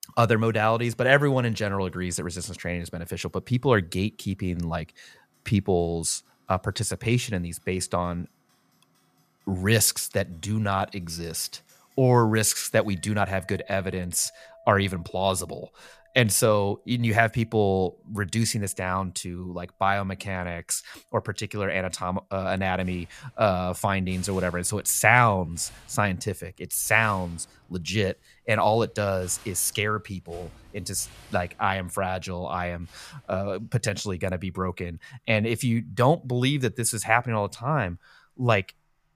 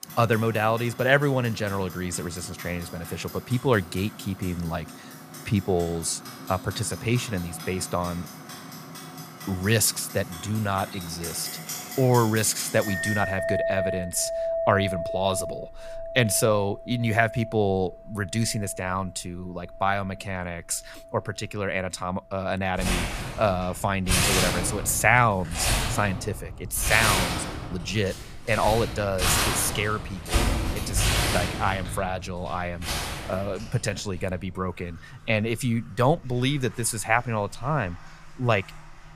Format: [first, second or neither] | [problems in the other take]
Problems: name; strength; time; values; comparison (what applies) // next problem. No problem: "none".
first | household noises; loud; throughout; 4 dB below the speech; faint in the first